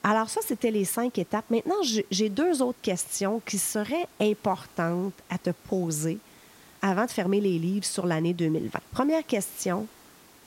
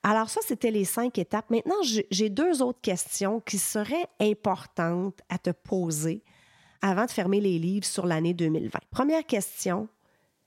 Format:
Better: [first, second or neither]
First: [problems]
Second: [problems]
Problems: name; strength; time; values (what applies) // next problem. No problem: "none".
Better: second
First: hiss; faint; throughout; 25 dB below the speech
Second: none